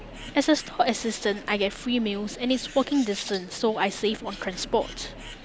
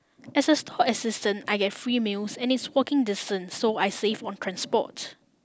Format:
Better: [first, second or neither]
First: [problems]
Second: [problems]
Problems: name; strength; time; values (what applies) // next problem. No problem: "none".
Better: second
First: background sound (Bird); 15 dB below the speech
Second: none